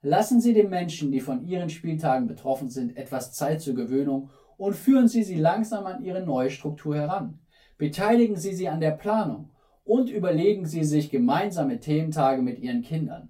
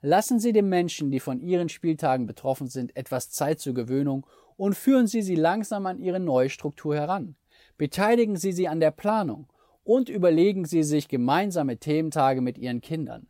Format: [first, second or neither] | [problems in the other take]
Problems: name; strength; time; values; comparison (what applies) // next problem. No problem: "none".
second | off-mic speech; far // room echo; very slight; dies away in 0.2 s